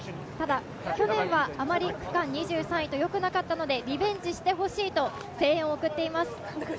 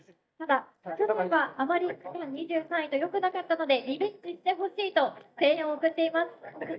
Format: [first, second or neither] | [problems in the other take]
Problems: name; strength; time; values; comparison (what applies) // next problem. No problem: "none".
first | noise reduction (neural mask model DeepFilterNet 3)